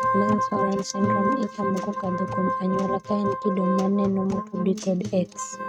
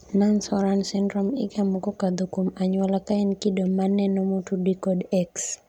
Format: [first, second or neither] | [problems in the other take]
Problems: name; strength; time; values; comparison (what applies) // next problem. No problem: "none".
second | noise reduction (neural mask model RNNoise)